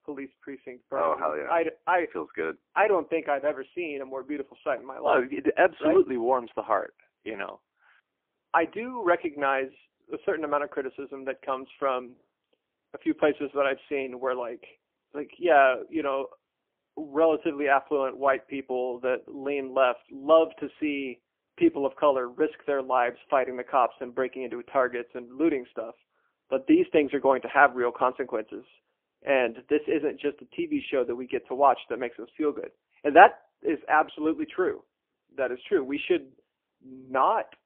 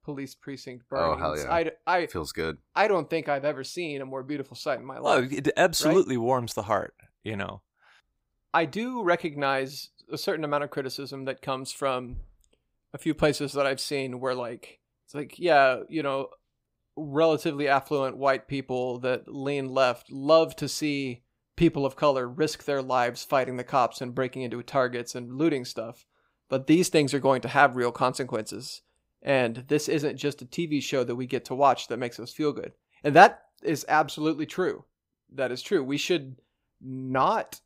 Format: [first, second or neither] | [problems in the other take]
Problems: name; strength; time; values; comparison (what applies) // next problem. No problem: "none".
second | phone-call audio; poor line